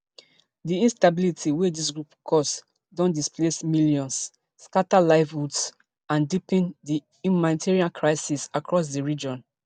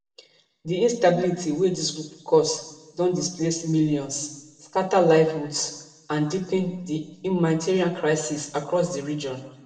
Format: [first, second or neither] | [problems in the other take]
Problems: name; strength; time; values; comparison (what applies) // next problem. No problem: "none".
first | room echo; dies away in 0.8 s